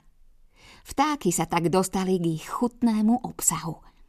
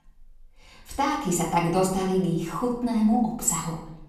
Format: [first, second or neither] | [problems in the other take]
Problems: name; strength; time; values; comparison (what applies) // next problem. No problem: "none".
first | off-mic speech; far // room echo; noticeable; dies away in 0.7 s